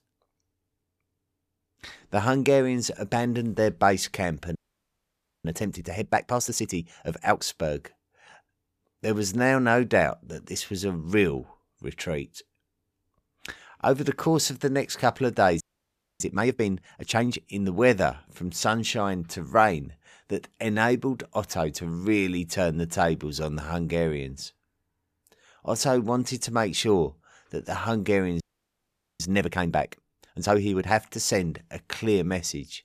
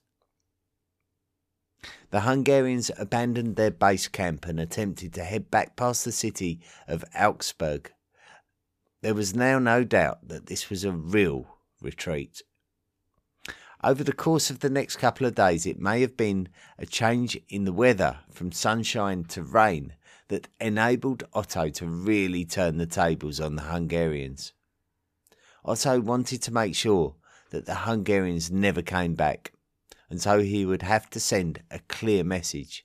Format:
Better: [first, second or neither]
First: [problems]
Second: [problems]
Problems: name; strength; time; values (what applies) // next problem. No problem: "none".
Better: second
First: audio freezing; at 4.5 s for 1 s, at 16 s for 0.5 s and at 28 s for 1 s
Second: none